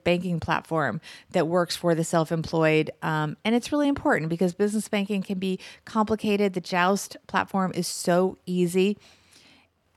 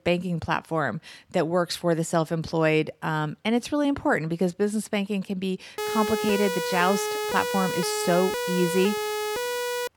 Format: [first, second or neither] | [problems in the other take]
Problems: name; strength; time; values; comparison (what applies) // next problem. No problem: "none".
first | siren; noticeable; from 6 s on; peak 2 dB below the speech